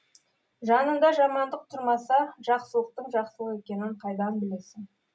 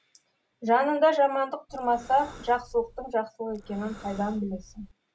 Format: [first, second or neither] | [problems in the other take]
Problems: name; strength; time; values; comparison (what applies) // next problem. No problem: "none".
first | background sound (Breathing); 20 dB below the speech